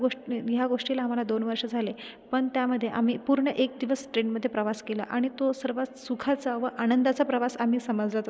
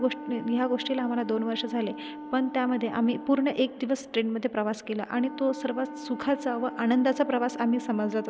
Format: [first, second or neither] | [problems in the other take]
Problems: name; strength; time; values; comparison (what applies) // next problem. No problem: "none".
first | background sound (Wind instrument, woodwind instrument); 13 dB below the speech